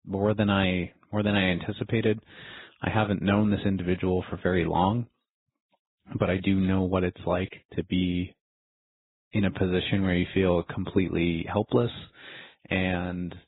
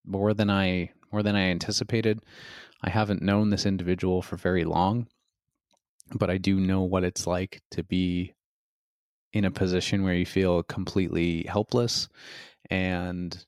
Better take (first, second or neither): second